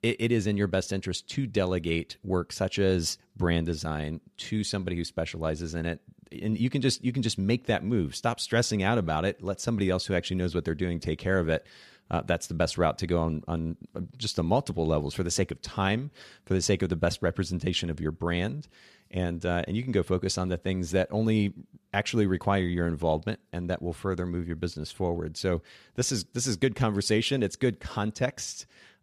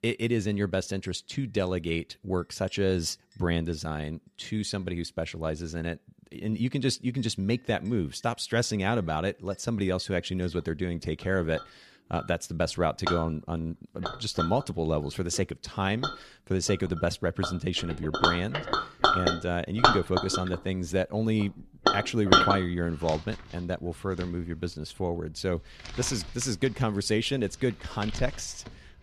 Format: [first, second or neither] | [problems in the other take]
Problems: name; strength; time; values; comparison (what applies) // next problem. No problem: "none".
first | household noises; very loud; throughout; 2 dB above the speech